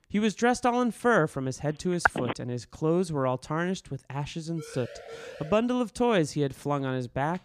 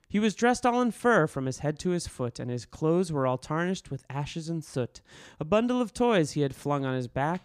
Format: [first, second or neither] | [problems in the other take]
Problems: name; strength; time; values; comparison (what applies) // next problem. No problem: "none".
second | phone ringing; loud; at 2 s; peak 2 dB above the speech // siren; faint; from 4.5 to 5.5 s; peak 15 dB below the speech